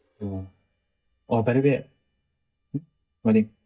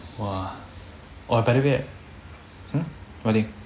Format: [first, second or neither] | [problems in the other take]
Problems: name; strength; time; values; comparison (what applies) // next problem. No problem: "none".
second | noise reduction (neural mask model DeepFilterNet 3)